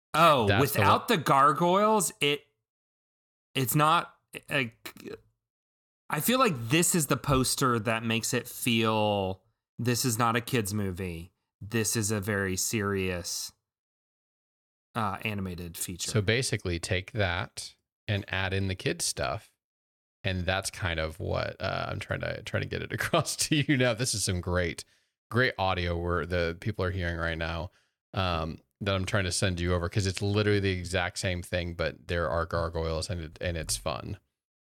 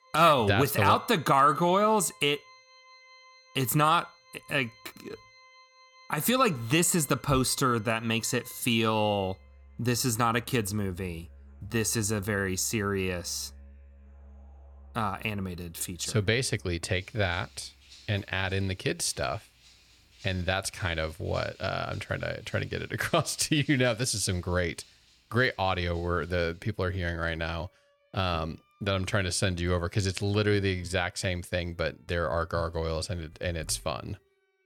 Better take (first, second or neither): first